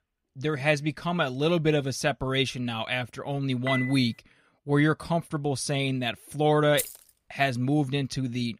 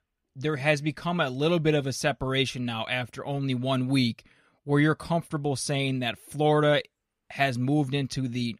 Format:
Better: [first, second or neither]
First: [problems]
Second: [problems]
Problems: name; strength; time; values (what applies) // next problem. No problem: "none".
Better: second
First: clattering dishes; noticeable; at 3.5 s; peak 5 dB below the speech // jangling keys; noticeable; at 7 s; peak 6 dB below the speech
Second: none